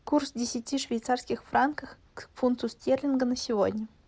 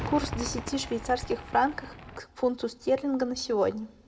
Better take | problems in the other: first | background sound (Cheering / Fireworks); 11 dB below the speech // room echo; dies away in 0.9 s

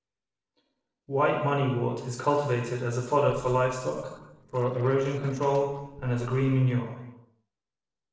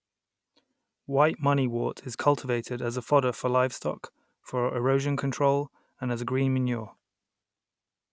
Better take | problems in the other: second | noise reduction (neural separator model SepFormer DNS4)

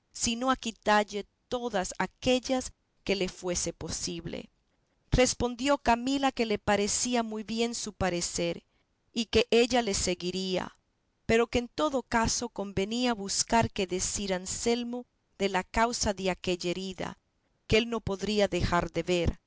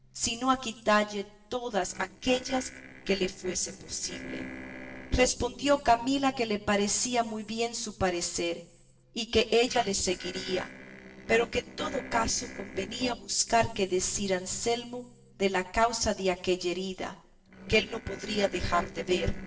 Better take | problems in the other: first | noise reduction (neural separator model SepFormer DNS4)

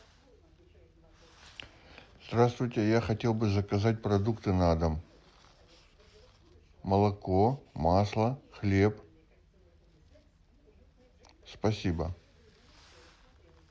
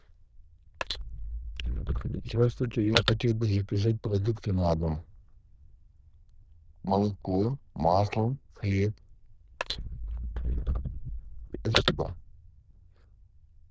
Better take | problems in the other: first | noise reduction (neural diffusion model UNIVERSE++)

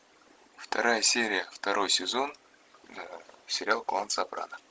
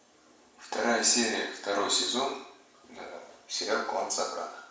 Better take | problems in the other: first | room echo; dies away in 0.6 s

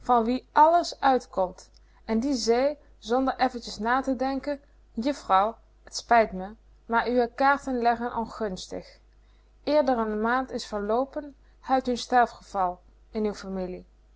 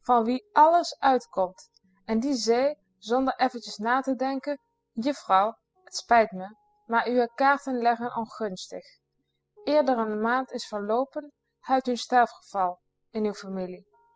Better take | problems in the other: first | noise reduction (classical method spectral subtraction)

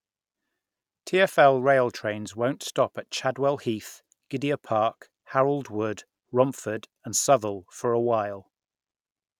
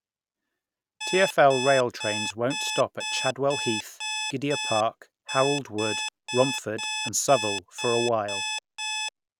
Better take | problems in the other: first | background sound (Alarm); 5 dB below the speech

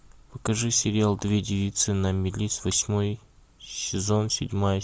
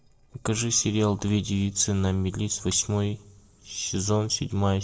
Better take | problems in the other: first | noise reduction (neural separator model SepFormer DNS4)

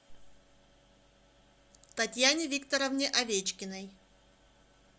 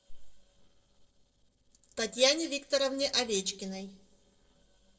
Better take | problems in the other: first | noise reduction (neural separator model SepFormer DNS4)

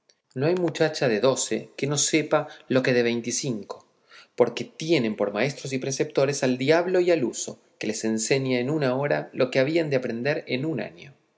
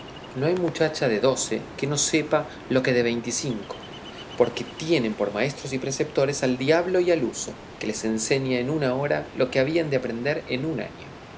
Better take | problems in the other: first | background sound (Ocean); 16 dB below the speech

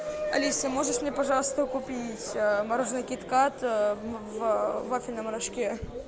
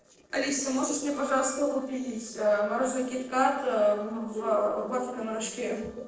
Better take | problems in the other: first | noise reduction (neural separator model SepFormer DNS4)

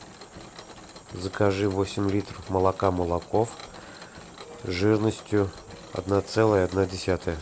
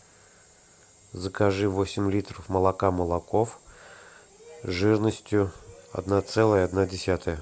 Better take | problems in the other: second | background sound (Mechanisms); 18 dB below the speech

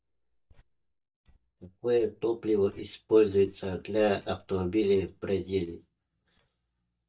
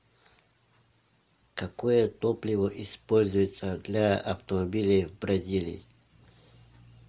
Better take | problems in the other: second | noise reduction (neural mask model DeepFilterNet 3)

